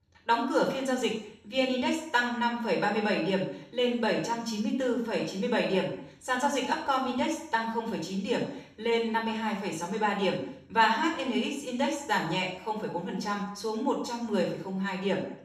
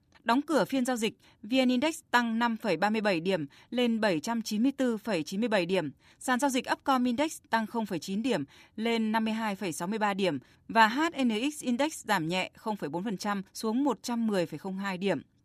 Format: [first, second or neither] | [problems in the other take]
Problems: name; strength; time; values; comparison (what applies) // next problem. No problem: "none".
second | room echo; noticeable; dies away in 0.6 s // off-mic speech; far